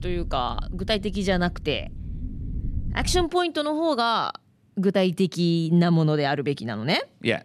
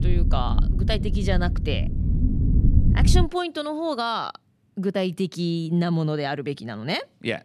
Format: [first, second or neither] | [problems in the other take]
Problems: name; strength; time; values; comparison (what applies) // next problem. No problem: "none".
first | low rumble; loud; until 3 s; 8 dB below the speech; faint in the first